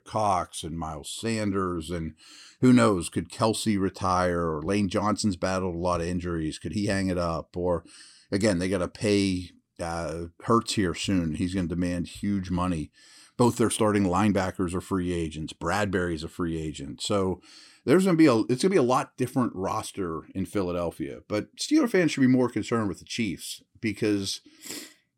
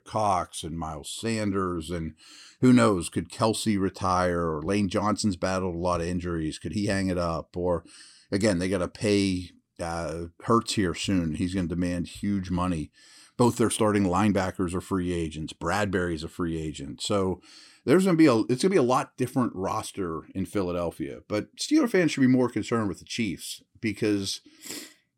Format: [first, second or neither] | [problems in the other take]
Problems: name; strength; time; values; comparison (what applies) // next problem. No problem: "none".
neither | none